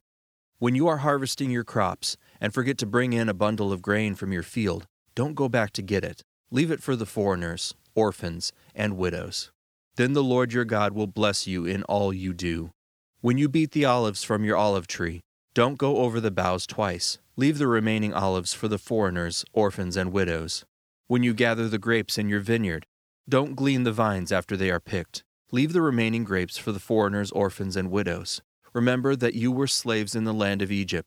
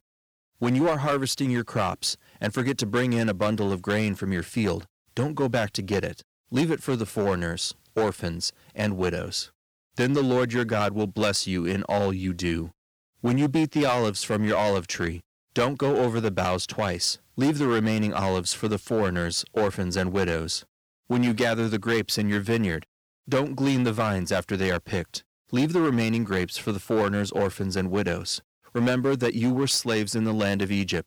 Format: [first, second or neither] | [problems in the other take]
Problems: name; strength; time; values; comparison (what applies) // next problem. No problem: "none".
first | distortion; slight; 7% of the sound clipped